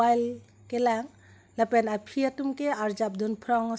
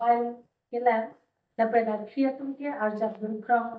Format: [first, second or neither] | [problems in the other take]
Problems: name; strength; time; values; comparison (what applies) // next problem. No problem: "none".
first | noise reduction (neural mask model DeepFilterNet 3)